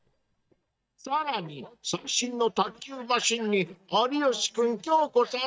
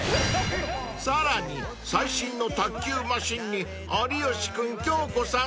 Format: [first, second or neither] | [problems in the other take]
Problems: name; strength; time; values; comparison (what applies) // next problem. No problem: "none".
second | noise reduction (neural mask model DeepFilterNet 3)